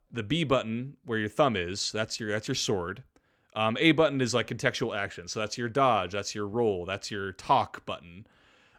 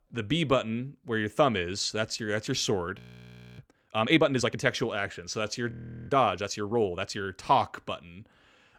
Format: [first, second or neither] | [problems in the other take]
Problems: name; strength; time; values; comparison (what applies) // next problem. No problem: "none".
first | audio freezing; at 3 s for 0.5 s and at 5.5 s